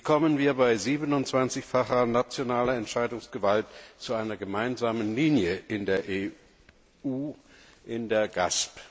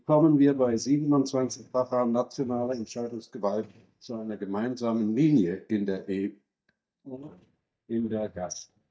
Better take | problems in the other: first | noise reduction (neural mask model DeepFilterNet 3)

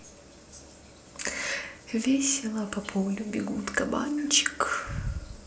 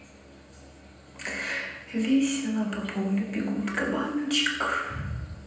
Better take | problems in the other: first | room echo; dies away in 0.9 s

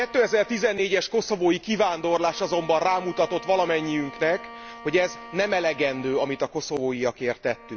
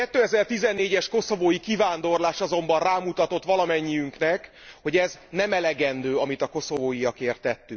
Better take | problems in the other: second | background sound (Bowed string instrument); 18 dB below the speech

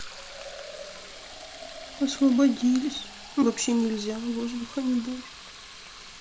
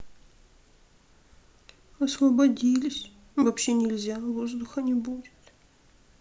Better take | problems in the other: second | background sound (Fill (with liquid)); 15 dB below the speech

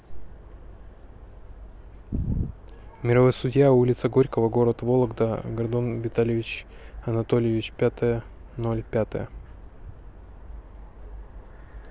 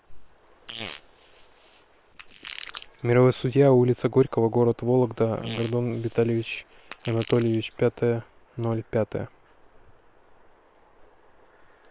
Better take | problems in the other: first | noise reduction (neural separator model SepFormer WHAM!)

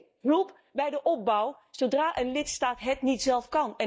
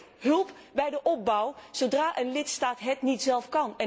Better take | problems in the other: second | noise reduction (neural mask model DeepFilterNet 3)

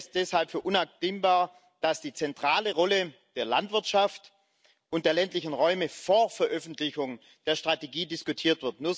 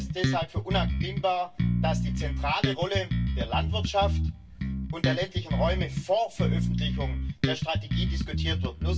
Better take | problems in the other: first | background sound (Bass guitar); 4 dB above the speech // room echo; dies away in 0.1 s

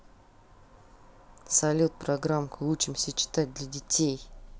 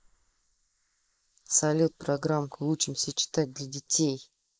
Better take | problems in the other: first | noise reduction (neural mask model Resemble Enhance denoiser)

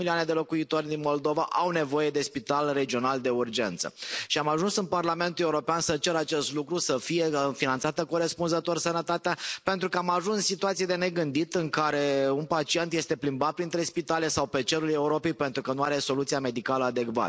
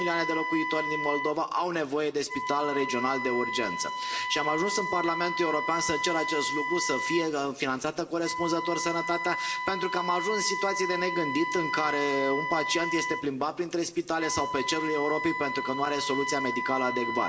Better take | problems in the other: first | background sound (Wind instrument, woodwind instrument); 3 dB below the speech // room echo; dies away in 2.8 s

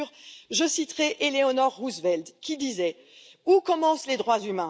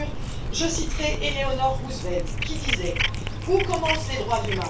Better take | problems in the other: first | background sound (Cat); 1 dB above the speech // room echo; dies away in 0.3 s

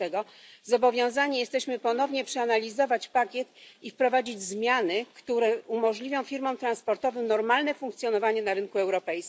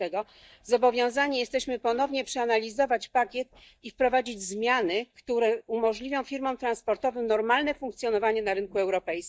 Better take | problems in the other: first | noise reduction (neural mask model DeepFilterNet 3)

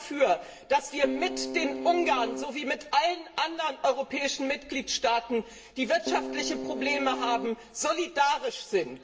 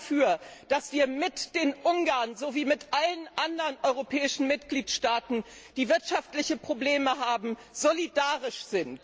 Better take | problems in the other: second | background sound (Keyboard (musical)); 6 dB below the speech // room echo; dies away in 0.7 s

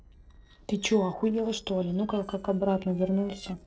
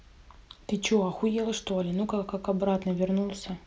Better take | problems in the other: second | noise reduction (neural separator model SepFormer DNS4)

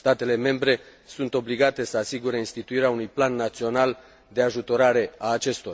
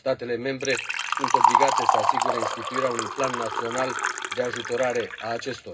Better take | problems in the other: first | background sound (Liquid); 3 dB above the speech // room echo; dies away in 0.2 s

